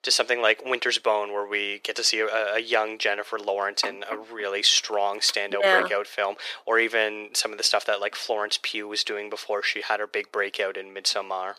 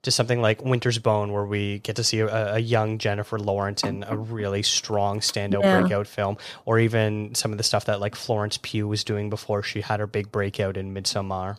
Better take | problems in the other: second | thin; very; fading below 350 Hz

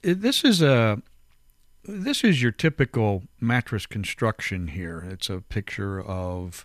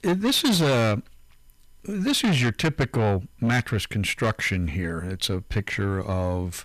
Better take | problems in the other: first | distortion; heavy; 6 dB below the speech

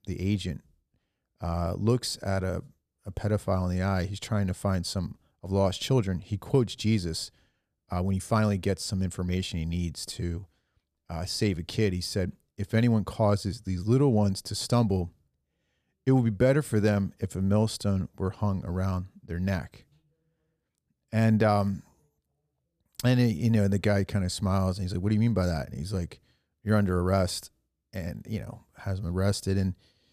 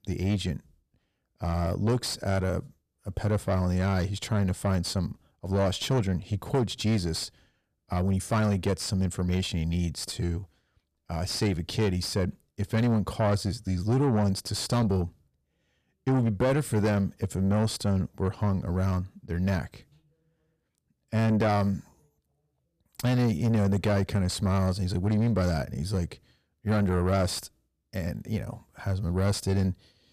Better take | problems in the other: first | distortion; slight; 10 dB below the speech

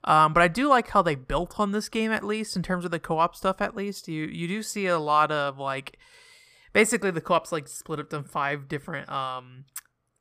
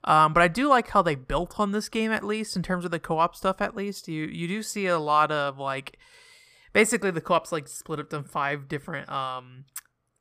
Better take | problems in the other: neither | none

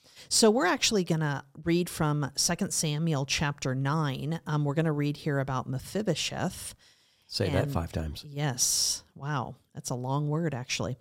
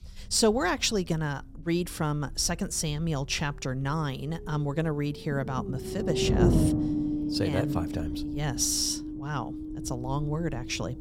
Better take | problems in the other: first | low rumble; loud; throughout; 5 dB below the speech

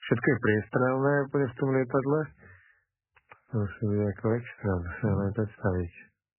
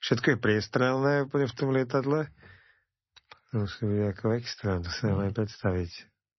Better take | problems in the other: second | garbled, watery; badly; nothing above 3 kHz; slightly in the second

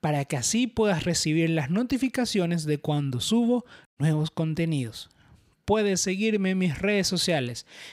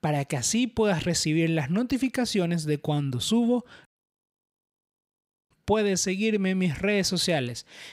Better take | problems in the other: first | audio freezing; at 4 s for 1.5 s

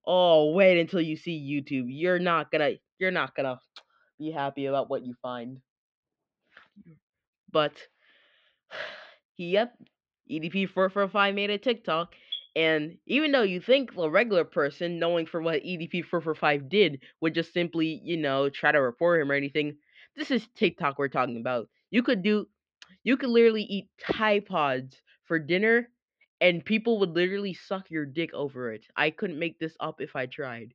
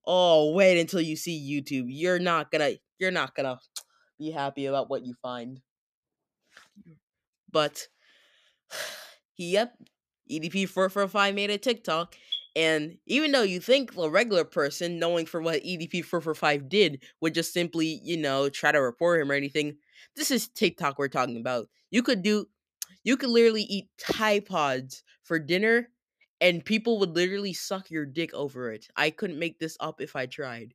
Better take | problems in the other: second | muffled; slightly; fading above 3.5 kHz

